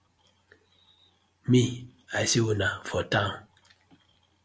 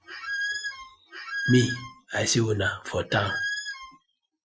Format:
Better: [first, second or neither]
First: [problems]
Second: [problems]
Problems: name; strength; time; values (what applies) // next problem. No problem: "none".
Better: first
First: none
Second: noise reduction (classical method Wiener filter)